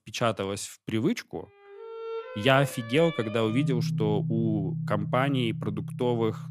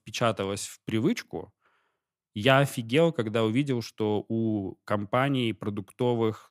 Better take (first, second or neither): second